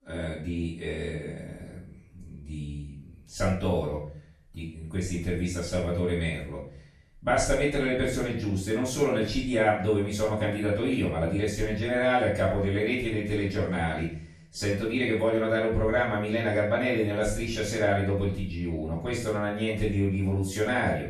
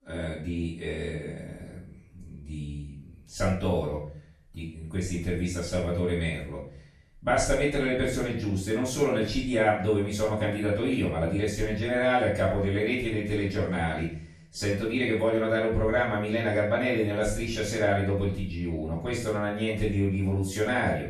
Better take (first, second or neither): neither